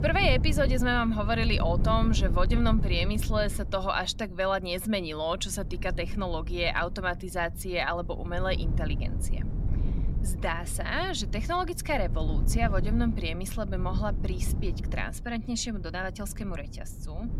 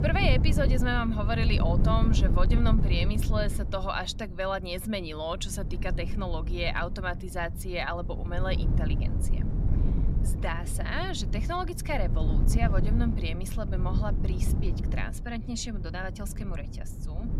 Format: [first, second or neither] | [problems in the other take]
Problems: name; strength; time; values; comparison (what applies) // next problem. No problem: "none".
first | wind noise on the microphone; heavy; 9 dB below the speech; occasional gusts in the first